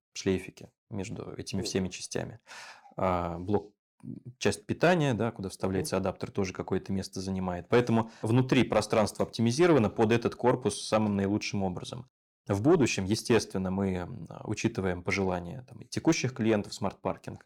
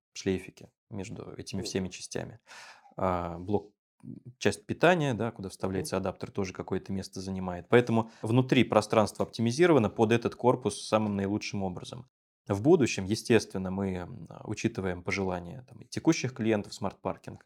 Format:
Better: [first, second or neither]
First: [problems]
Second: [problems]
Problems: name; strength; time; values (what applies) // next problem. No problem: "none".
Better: second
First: distortion; slight; 10 dB below the speech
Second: none